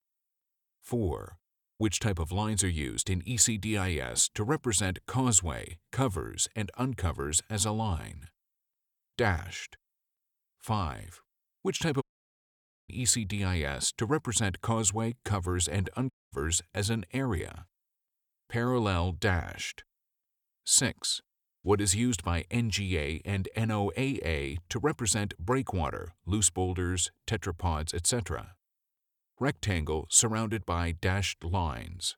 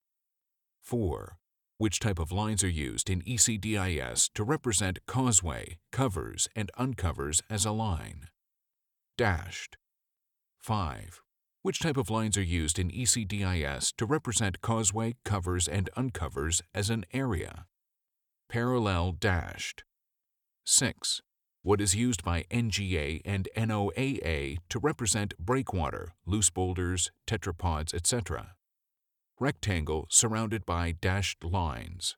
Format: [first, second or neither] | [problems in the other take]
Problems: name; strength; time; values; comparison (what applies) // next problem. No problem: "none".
second | audio cutting out; at 12 s for 1 s and at 16 s